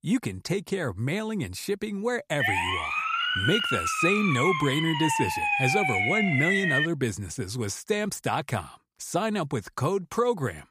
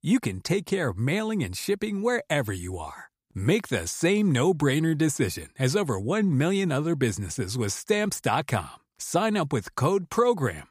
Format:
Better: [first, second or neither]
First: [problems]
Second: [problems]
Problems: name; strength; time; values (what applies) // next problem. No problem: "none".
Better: second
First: siren; loud; from 2.5 to 7 s; peak 5 dB above the speech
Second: none